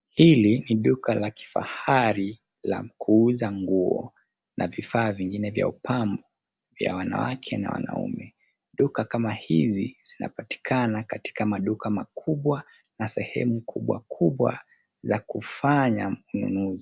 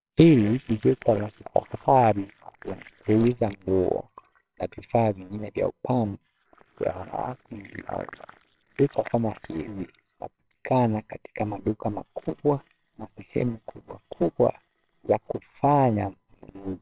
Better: first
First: none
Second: noise reduction (neural separator model SepFormer WHAMR!)

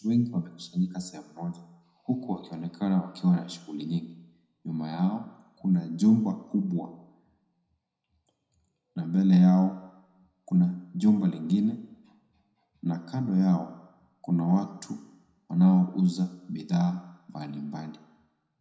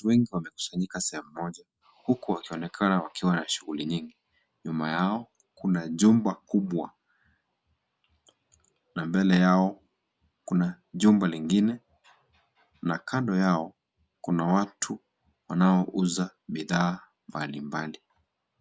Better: second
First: room echo; dies away in 0.7 s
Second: none

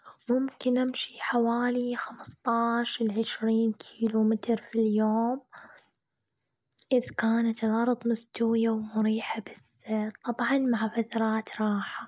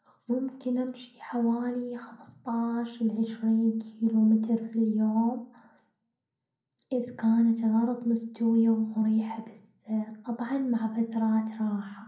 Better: first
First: none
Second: room echo; dies away in 0.6 s

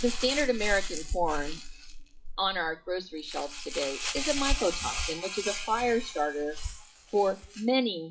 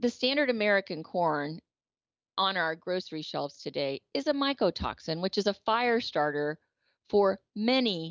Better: second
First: noise reduction (classical method WPE with log-MMSE)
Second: none

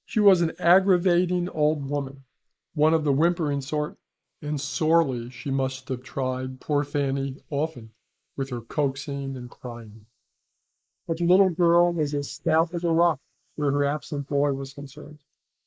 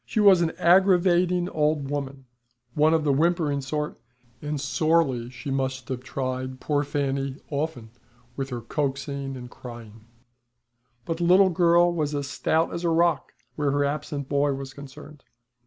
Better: second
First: noise reduction (neural mask model Resemble Enhance denoiser)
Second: none

